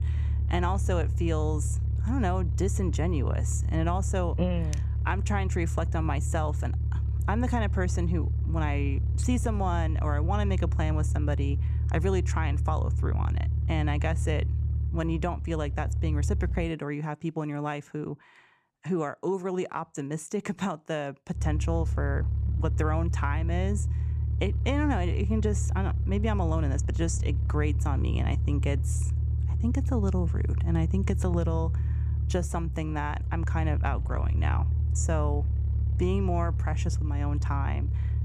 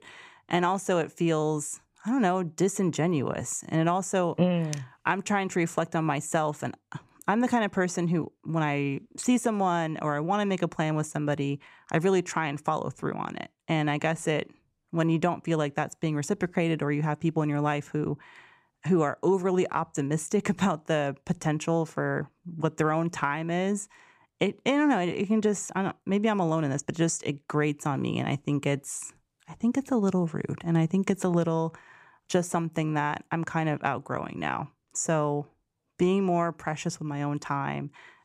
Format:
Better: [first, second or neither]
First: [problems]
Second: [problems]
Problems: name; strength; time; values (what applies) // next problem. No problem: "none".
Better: second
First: low rumble; noticeable; until 17 s and from 21 s on; 10 dB below the speech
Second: none